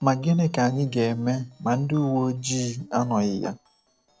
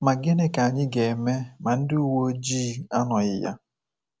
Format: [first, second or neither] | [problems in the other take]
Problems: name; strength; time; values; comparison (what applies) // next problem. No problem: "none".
second | noise reduction (neural separator model SepFormer DNS4)